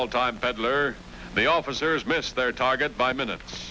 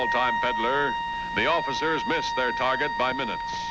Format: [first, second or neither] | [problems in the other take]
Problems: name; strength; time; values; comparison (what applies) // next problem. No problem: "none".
first | background sound (Wind instrument, woodwind instrument); 1 dB below the speech